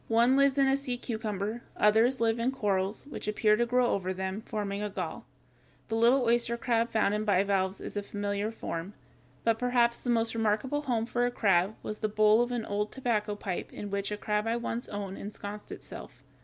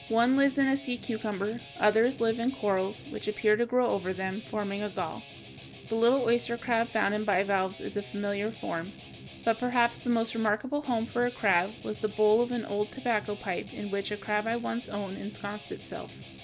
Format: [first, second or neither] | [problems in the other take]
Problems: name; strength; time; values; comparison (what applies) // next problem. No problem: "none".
first | background sound (Guitar); 17 dB below the speech